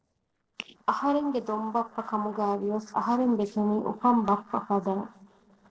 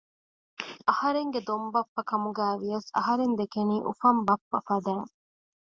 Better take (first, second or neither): second